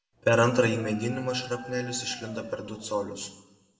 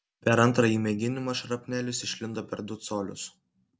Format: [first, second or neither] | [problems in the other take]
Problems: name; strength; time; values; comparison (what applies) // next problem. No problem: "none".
second | background sound (Dog); 18 dB below the speech // room echo; dies away in 0.7 s